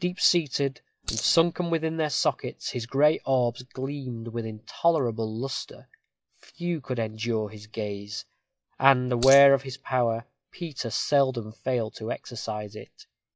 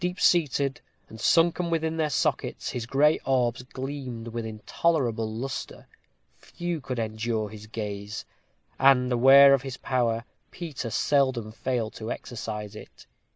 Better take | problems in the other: second | noise reduction (classical method log-MMSE)

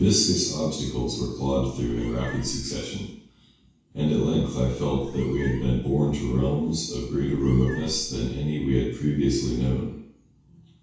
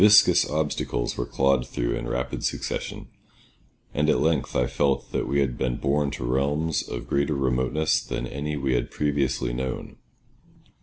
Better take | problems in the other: second | background sound (Meow); 17 dB below the speech // room echo; dies away in 0.6 s

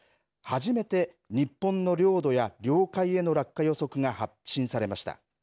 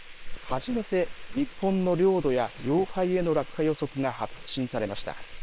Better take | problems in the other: first | noise reduction (neural separator model SepFormer WHAM!)

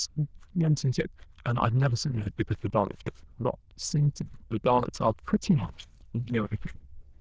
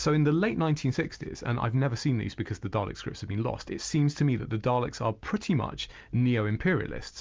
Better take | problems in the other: second | noise reduction (neural diffusion model UNIVERSE++)

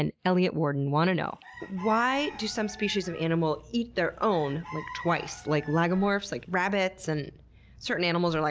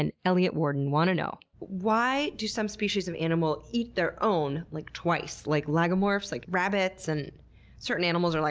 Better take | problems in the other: second | background sound (Chicken, rooster); 17 dB below the speech

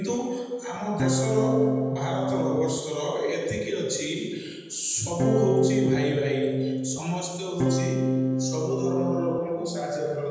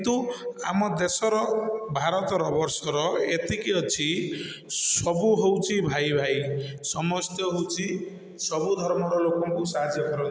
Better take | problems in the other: second | background sound (Electric guitar / Strum); 1 dB above the speech // room echo; dies away in 1.1 s

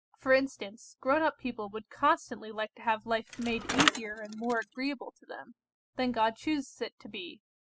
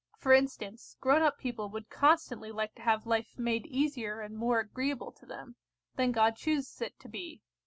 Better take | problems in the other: second | noise reduction (classical method spectral subtraction)

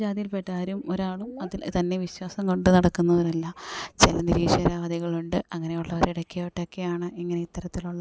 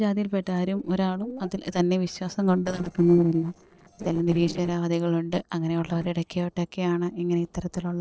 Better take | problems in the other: first | noise reduction (neural separator model SepFormer DNS4)

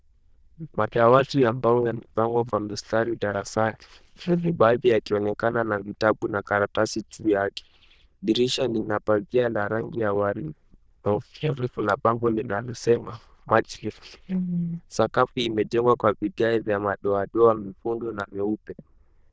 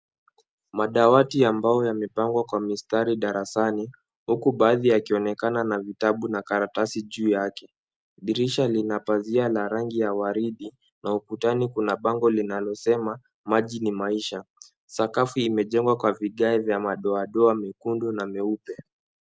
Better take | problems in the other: second | noise reduction (neural diffusion model UNIVERSE++)

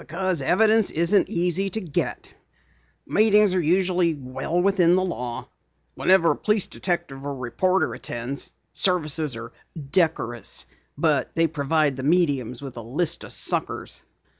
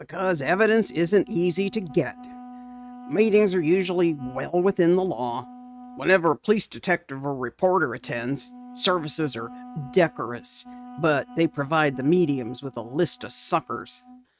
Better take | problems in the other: first | noise reduction (neural mask model RNNoise)

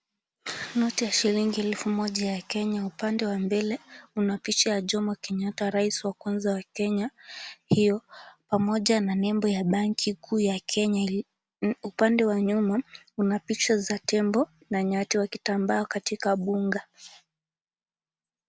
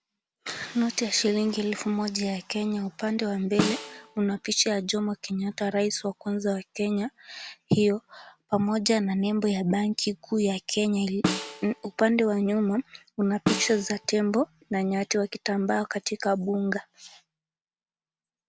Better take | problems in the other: first | background sound (Snare drum); 6 dB below the speech

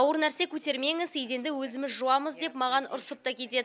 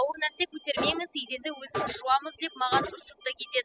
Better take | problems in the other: first | noise reduction (classical method spectral subtraction)

